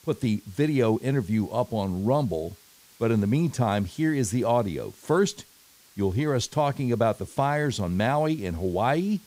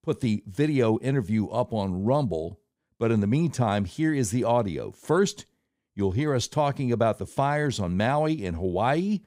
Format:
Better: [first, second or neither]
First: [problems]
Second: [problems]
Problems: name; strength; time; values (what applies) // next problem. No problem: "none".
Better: second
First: hiss; faint; throughout; 25 dB below the speech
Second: none